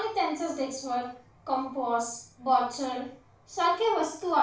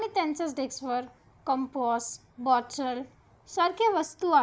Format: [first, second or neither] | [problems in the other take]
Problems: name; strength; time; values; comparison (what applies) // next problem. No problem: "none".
second | room echo; dies away in 0.4 s